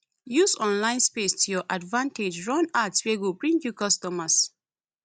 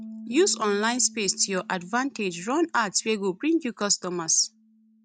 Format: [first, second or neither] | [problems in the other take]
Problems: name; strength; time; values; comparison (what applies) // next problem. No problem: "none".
first | noise reduction (neural mask model RNNoise)